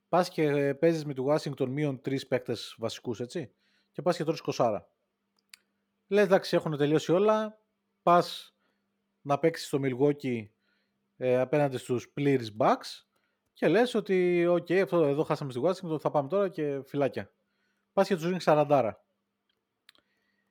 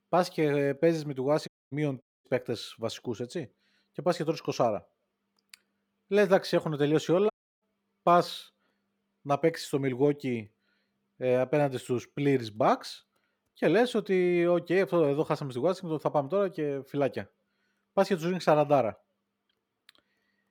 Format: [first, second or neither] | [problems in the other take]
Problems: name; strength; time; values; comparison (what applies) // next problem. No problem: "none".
first | audio cutting out; at 1.5 s, at 2 s and at 7.5 s